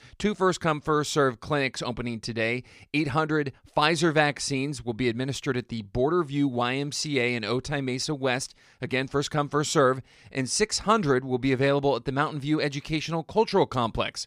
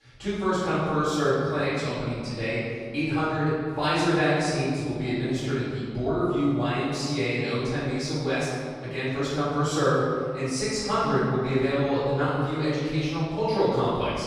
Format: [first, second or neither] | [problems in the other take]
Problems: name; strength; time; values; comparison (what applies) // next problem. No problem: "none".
first | off-mic speech; far // room echo; strong; dies away in 2 s